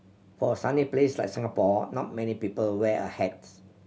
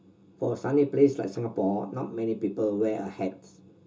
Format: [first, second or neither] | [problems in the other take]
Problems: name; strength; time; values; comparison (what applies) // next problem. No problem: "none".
first | room echo; dies away in 0.2 s